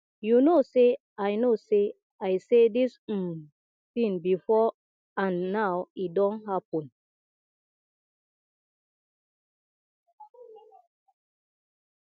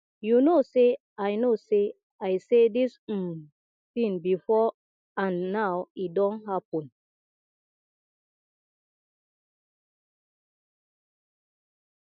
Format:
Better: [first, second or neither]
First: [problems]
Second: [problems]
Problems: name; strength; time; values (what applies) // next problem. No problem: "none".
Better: first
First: none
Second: noise reduction (neural mask model Resemble Enhance denoiser)